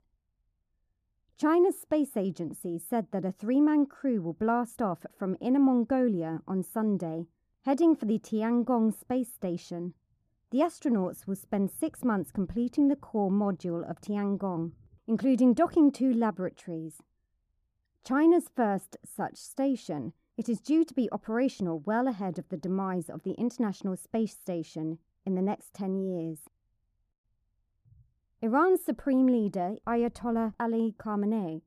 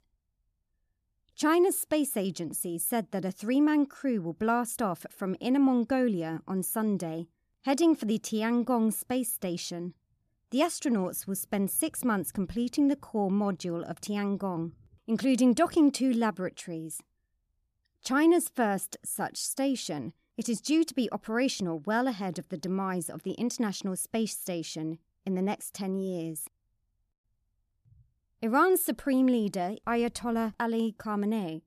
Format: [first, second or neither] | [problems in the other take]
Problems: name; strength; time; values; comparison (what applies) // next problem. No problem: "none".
second | muffled; slightly; fading above 2 kHz